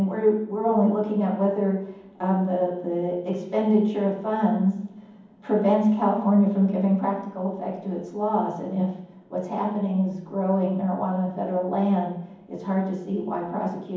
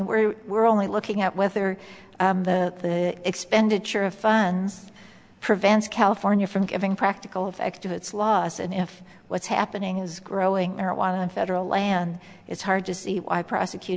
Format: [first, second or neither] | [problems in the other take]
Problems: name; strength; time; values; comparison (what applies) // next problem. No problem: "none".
second | room echo; dies away in 1.2 s